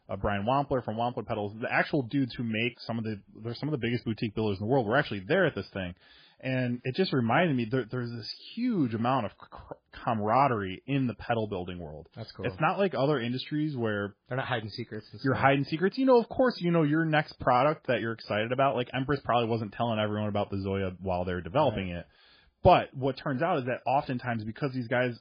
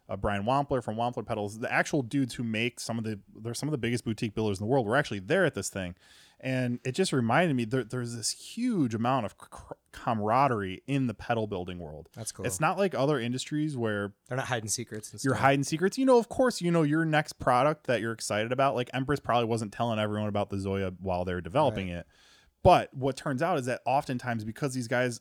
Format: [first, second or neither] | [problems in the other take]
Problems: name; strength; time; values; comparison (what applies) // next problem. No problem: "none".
second | garbled, watery; badly; nothing above 5 kHz